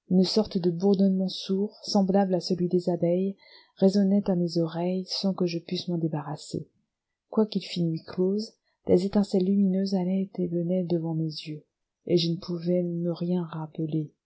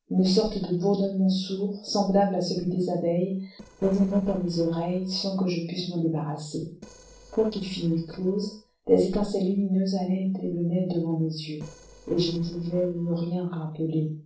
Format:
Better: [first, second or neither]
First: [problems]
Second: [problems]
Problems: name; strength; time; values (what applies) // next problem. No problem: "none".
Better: first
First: none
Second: noise reduction (neural separator model SepFormer DNS4)